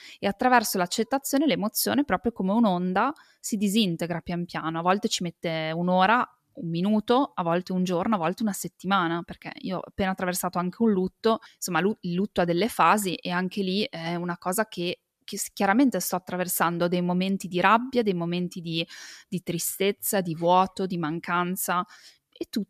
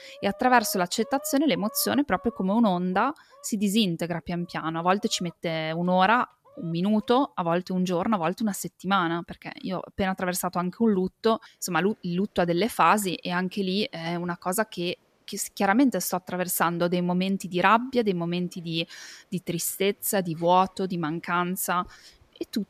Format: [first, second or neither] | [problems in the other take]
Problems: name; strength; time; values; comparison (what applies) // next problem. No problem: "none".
first | animal sounds; faint; throughout; 25 dB below the speech